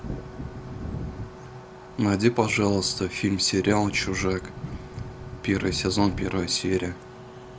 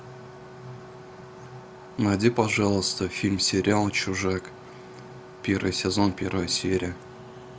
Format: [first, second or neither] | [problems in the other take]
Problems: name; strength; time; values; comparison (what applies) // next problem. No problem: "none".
second | background sound (Thunder / Wind); 12 dB below the speech